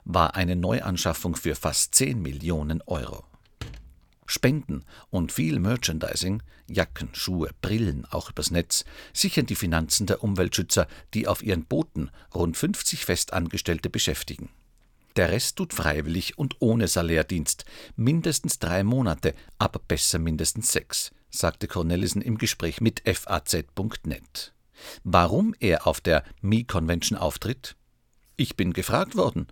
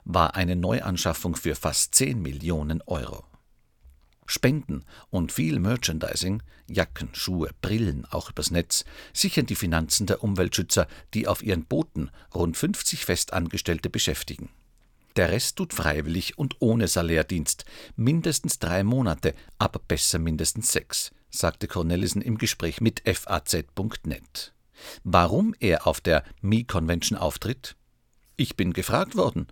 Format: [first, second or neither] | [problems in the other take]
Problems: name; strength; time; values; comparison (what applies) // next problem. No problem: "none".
second | door banging; faint; at 3.5 s; peak 15 dB below the speech